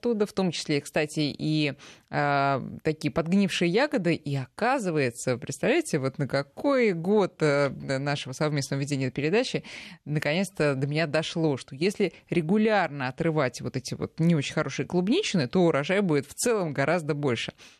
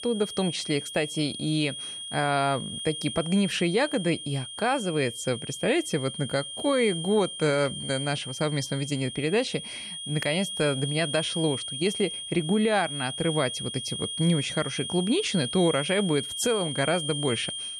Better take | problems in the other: first | high-pitched whine; loud; throughout; 3.5 kHz, 6 dB below the speech

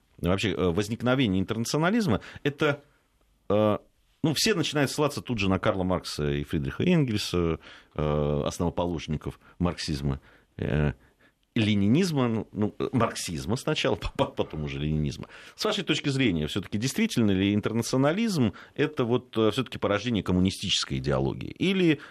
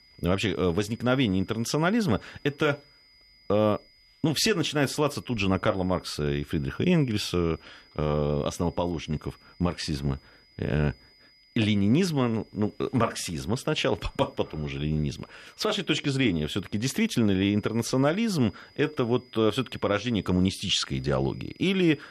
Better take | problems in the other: first | high-pitched whine; faint; throughout; 5 kHz, 30 dB below the speech

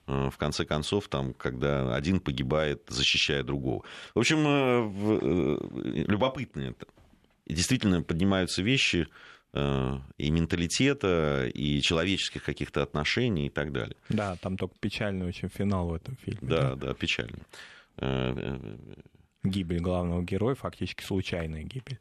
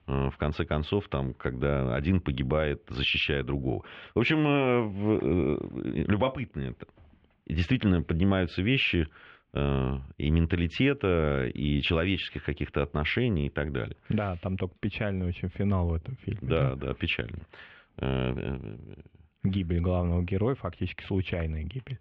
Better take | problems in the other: first | muffled; very; fading above 3 kHz

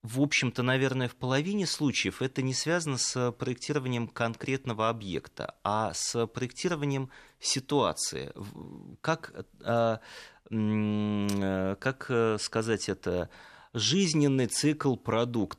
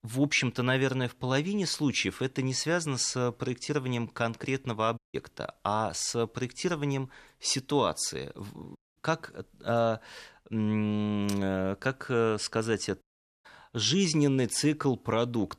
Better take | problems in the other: first | audio cutting out; at 5 s, at 9 s and at 13 s

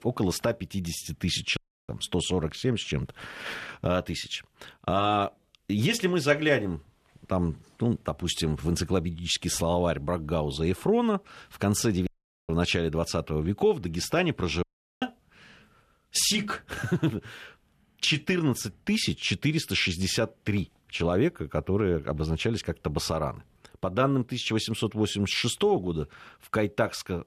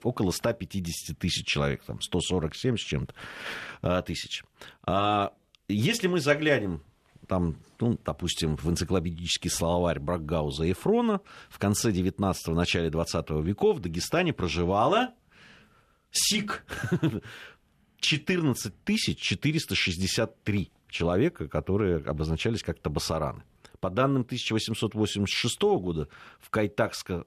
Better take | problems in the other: second | audio cutting out; at 1.5 s, at 12 s and at 15 s

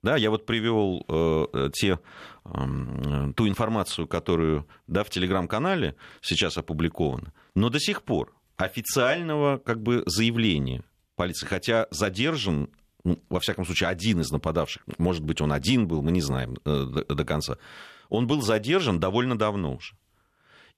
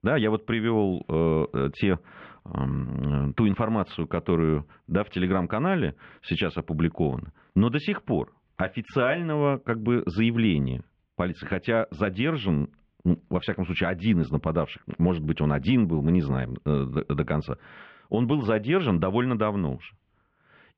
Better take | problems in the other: first | muffled; very; fading above 2.5 kHz

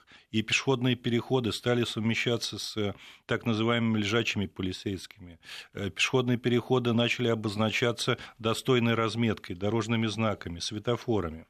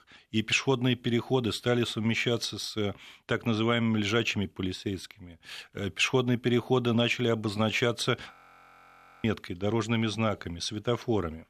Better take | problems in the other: first | audio freezing; at 8.5 s for 1 s

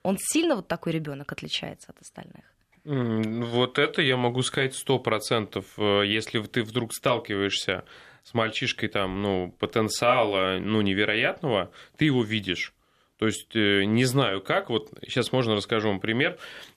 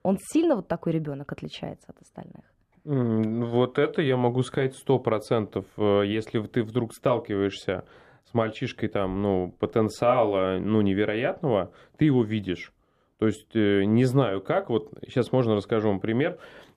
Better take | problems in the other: first | muffled; slightly; fading above 1.5 kHz

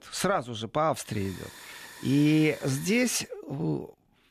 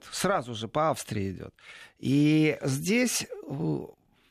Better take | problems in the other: second | hiss; noticeable; from 1 to 3 s; 20 dB below the speech

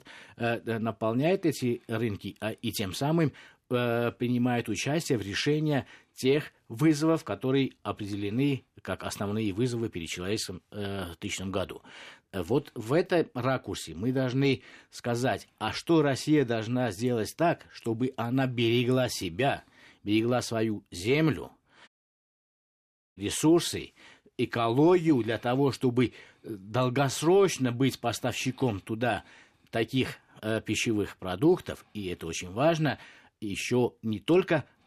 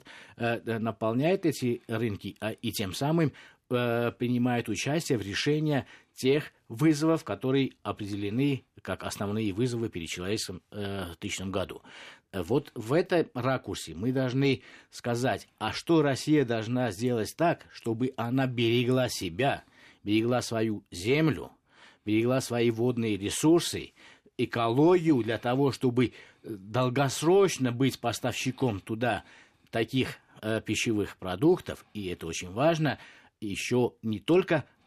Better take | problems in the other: second | audio cutting out; at 22 s for 1.5 s

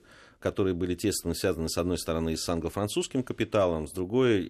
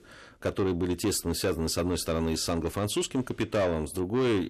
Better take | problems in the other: first | distortion; slight; 10 dB below the speech

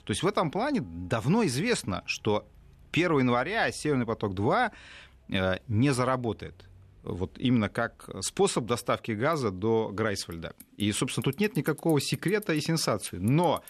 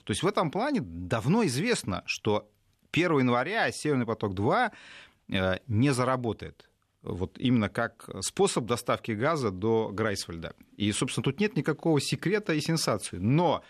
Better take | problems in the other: second | traffic noise; faint; throughout; 25 dB below the speech

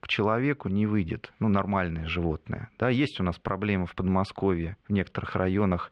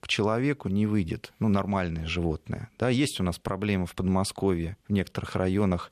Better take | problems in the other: second | muffled; slightly; fading above 2.5 kHz

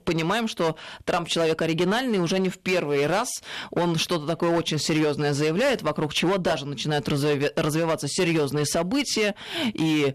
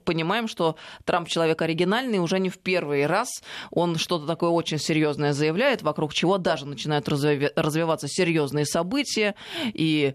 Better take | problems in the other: second | distortion; slight; 12% of the sound clipped

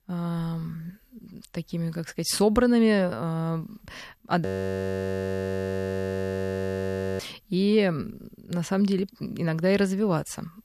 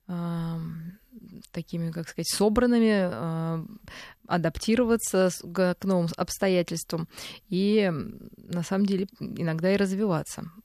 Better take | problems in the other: second | audio freezing; at 4.5 s for 2.5 s

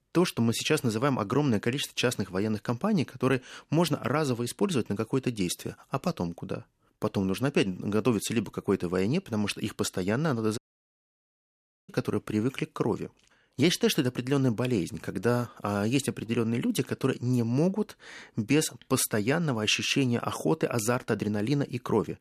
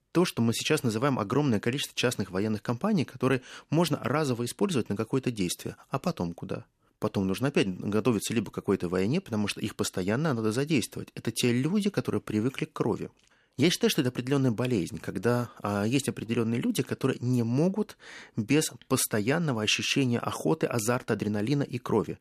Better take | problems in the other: second | audio cutting out; at 11 s for 1.5 s

